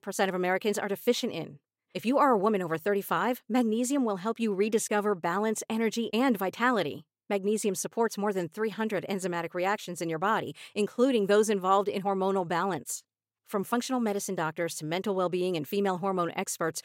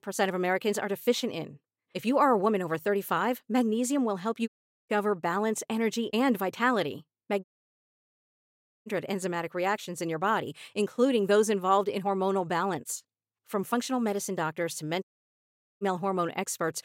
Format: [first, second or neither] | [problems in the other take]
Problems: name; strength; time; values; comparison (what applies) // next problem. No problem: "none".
first | audio cutting out; at 4.5 s, at 7.5 s for 1.5 s and at 15 s for 1 s